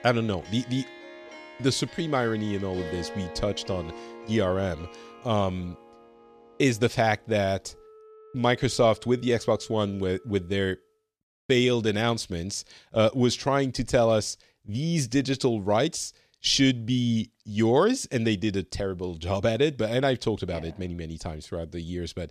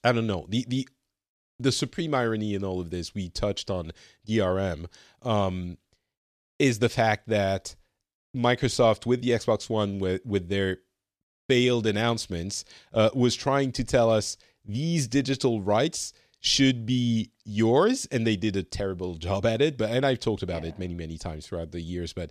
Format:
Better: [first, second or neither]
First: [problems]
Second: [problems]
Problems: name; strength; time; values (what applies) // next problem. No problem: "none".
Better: second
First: background music; noticeable; until 11 s; 20 dB below the speech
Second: none